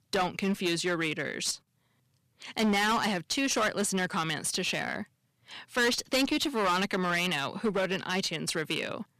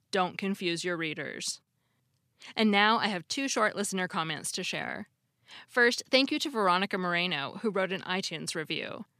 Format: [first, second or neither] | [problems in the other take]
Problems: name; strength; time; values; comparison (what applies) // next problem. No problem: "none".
second | distortion; heavy; 10% of the sound clipped